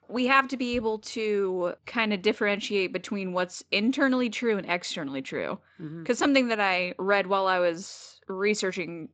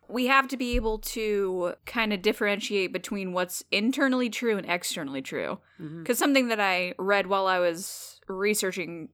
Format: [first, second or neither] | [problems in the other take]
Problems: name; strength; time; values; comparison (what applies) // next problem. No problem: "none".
second | garbled, watery; slightly; nothing above 7.5 kHz